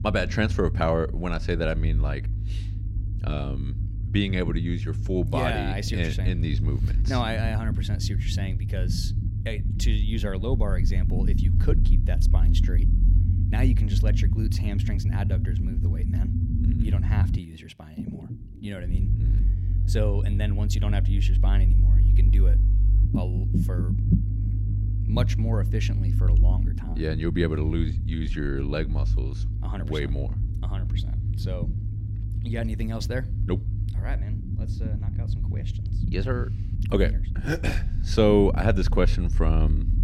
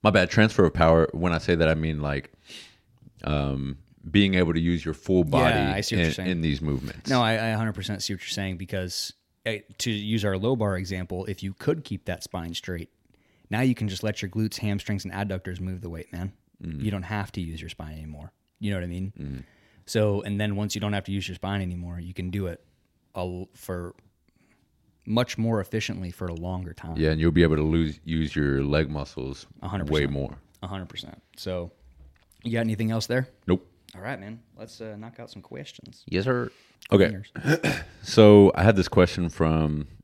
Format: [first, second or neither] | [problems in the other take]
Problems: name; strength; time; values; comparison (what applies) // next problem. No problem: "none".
second | low rumble; loud; throughout; 10 dB below the speech